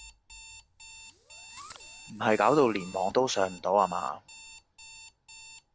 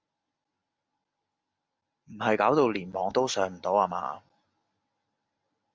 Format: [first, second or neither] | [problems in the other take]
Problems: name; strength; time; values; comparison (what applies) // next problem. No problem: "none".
second | background sound (Fireworks + Alarm); 18 dB below the speech